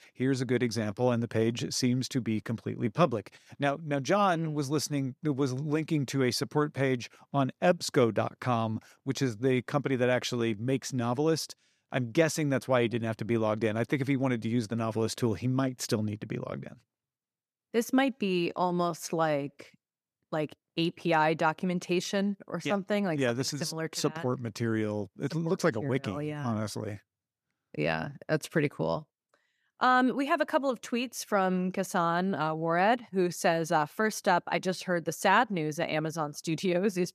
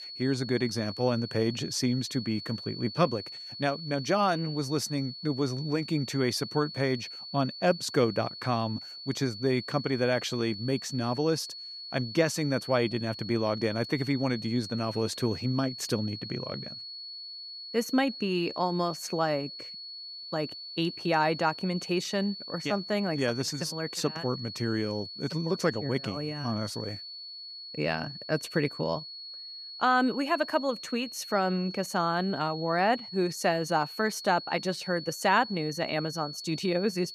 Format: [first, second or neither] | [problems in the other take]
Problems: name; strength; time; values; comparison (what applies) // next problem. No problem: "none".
first | high-pitched whine; loud; throughout; 4.5 kHz, 10 dB below the speech